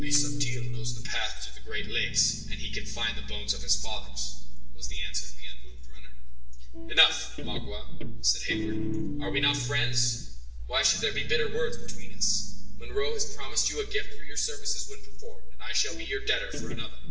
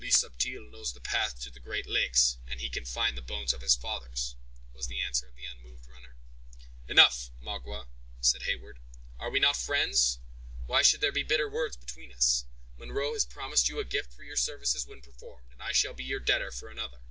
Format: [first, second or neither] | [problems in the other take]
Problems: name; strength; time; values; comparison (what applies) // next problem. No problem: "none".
second | background sound (Guitar); 16 dB below the speech // room echo; dies away in 0.8 s